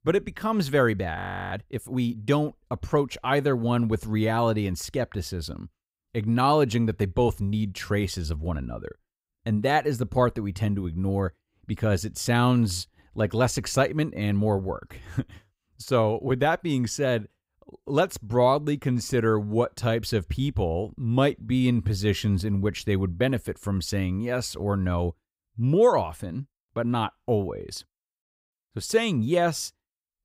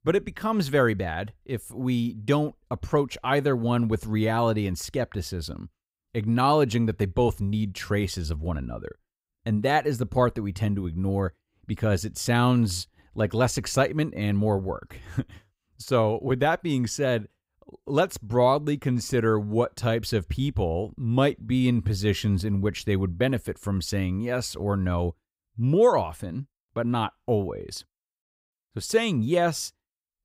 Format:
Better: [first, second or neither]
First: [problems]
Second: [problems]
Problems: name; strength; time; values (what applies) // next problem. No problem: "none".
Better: second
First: audio freezing; at 1 s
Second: none